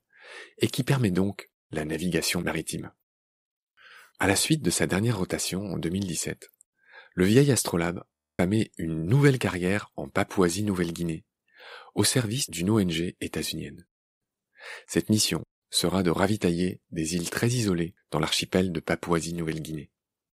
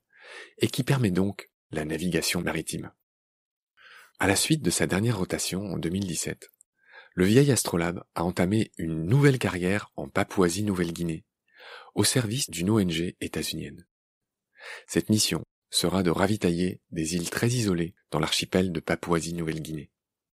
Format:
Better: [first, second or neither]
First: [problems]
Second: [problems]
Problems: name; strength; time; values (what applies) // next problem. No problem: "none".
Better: second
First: audio freezing; at 8 s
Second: none